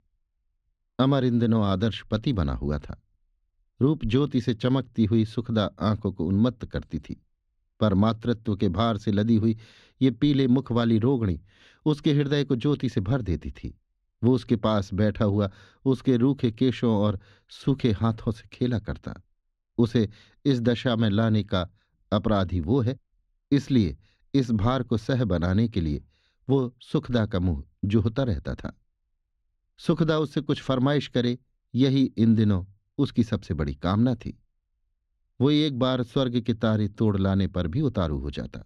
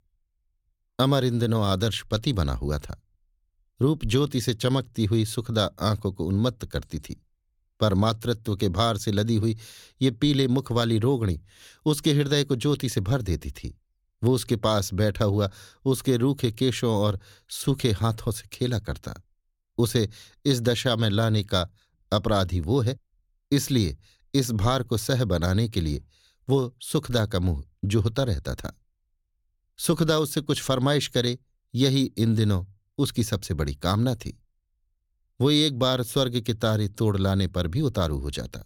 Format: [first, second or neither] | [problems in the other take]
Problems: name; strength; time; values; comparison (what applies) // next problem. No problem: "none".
second | muffled; slightly; fading above 3 kHz